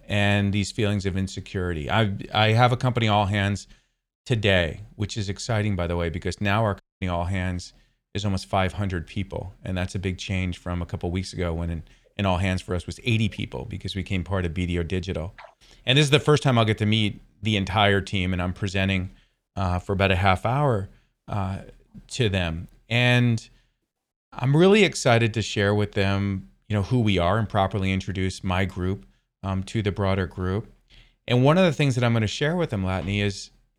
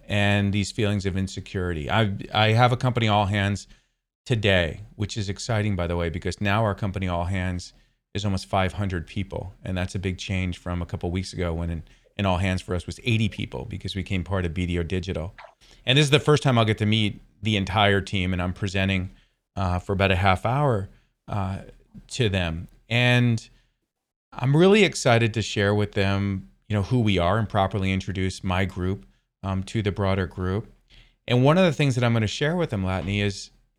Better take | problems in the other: second | audio cutting out; at 7 s

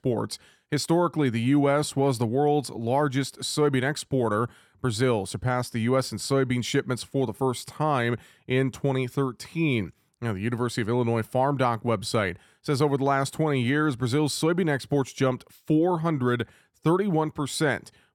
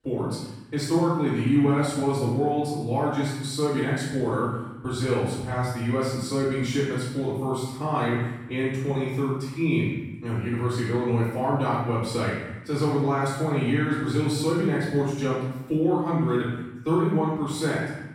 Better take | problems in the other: first | off-mic speech; far // room echo; strong; dies away in 0.9 s

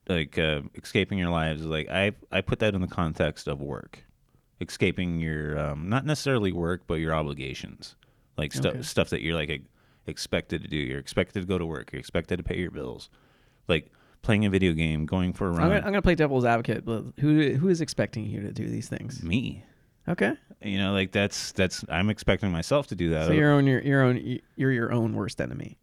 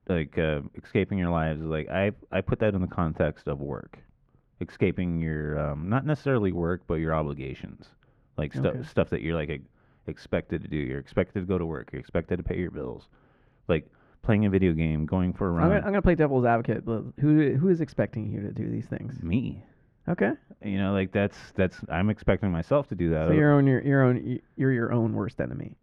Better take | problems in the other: first | muffled; very; fading above 3.5 kHz

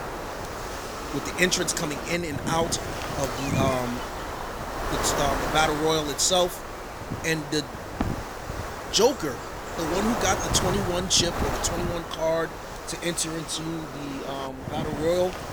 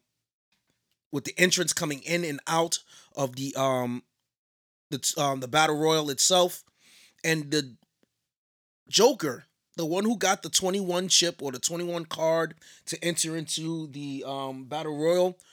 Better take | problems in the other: second | wind noise on the microphone; heavy; 5 dB below the speech

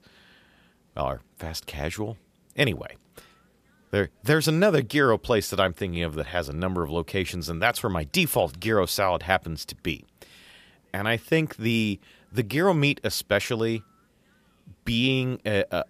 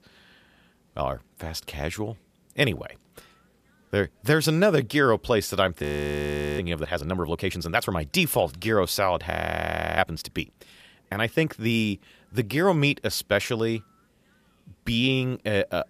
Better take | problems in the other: first | audio freezing; at 6 s for 1 s and at 9.5 s for 0.5 s

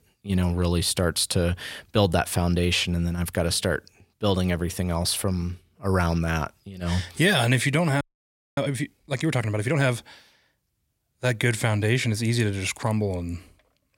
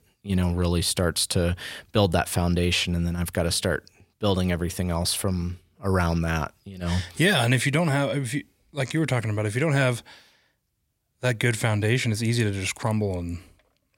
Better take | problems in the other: second | audio freezing; at 8 s for 0.5 s

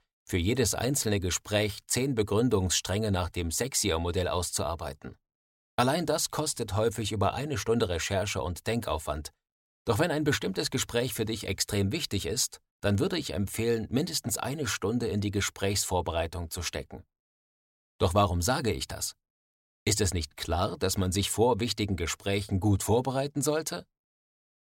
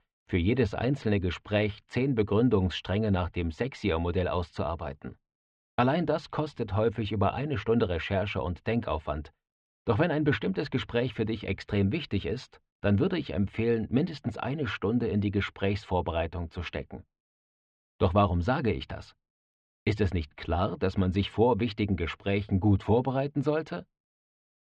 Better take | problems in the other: first | muffled; very; fading above 3 kHz

